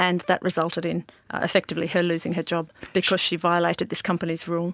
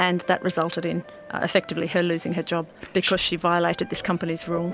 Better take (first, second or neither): first